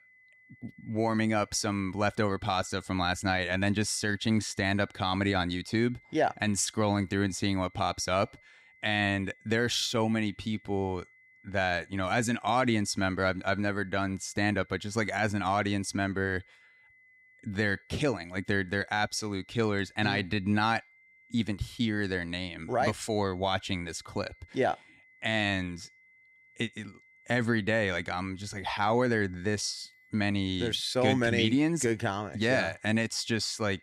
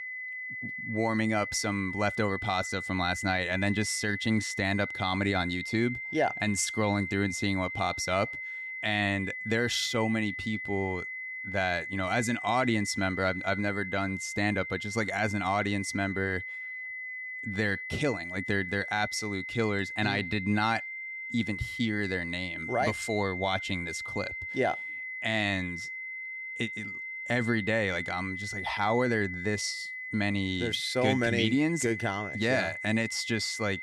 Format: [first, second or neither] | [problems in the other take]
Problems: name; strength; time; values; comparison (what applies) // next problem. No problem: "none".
first | high-pitched whine; loud; throughout; 2 kHz, 6 dB below the speech; faint in the first